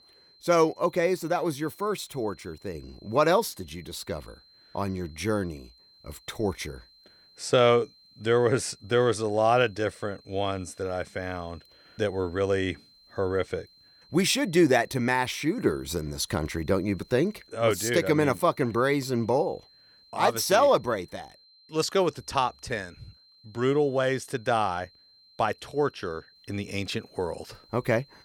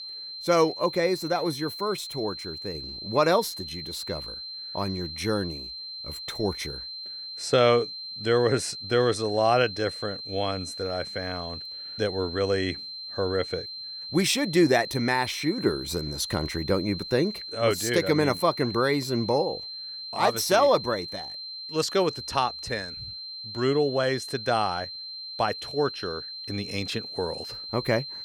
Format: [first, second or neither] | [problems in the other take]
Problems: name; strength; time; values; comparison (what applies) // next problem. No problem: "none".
first | high-pitched whine; loud; throughout; 4 kHz, 9 dB below the speech; faint in the first